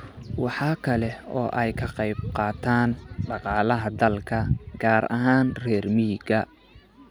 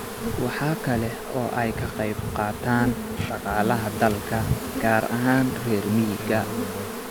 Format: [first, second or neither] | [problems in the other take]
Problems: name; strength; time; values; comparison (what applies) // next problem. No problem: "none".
first | background sound (Insect); 6 dB below the speech